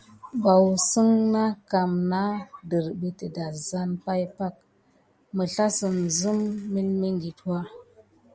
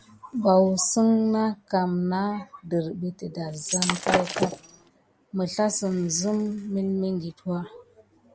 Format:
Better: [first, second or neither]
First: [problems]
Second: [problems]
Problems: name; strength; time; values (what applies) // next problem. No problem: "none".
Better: first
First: none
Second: background sound (Shatter); 2 dB below the speech